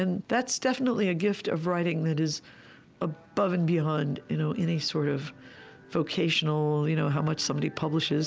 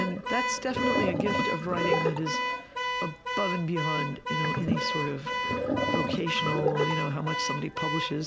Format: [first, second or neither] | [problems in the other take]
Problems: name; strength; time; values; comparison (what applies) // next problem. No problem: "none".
first | background sound (Alarm / Car + Sink (filling or washing)); 2 dB above the speech